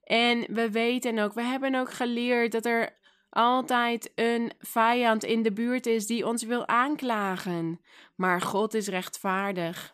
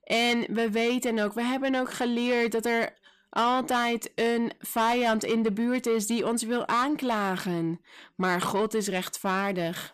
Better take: first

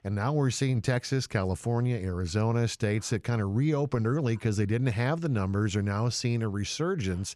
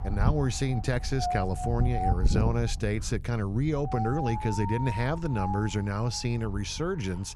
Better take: first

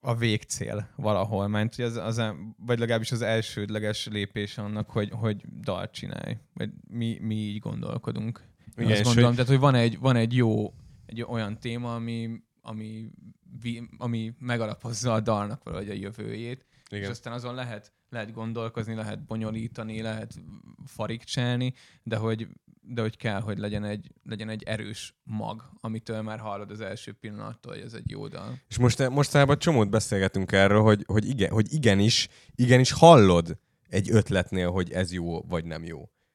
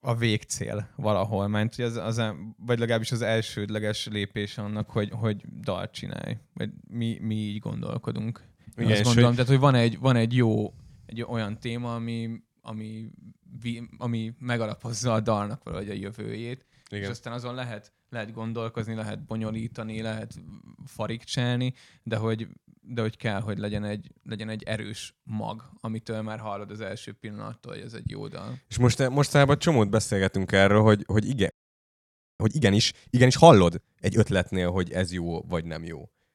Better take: first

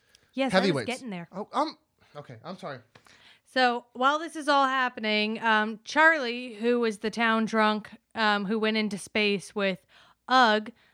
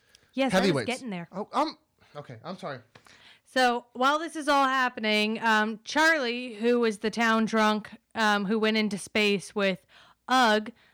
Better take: first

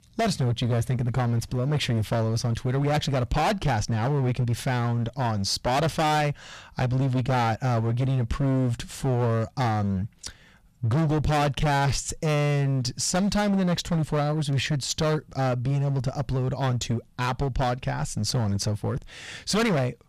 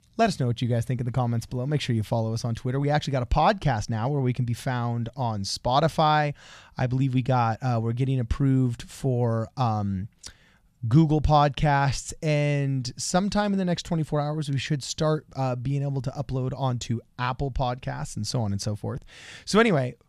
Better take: second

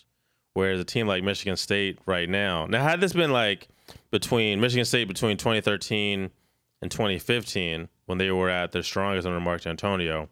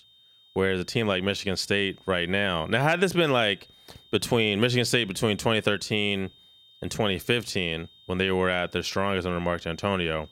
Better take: first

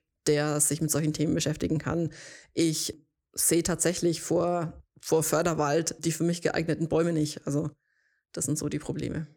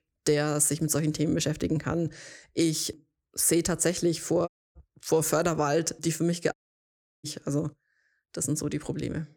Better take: first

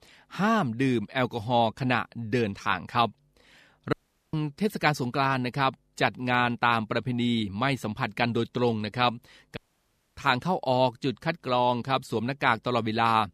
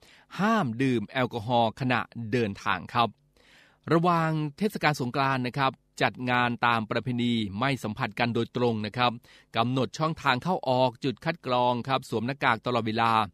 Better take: second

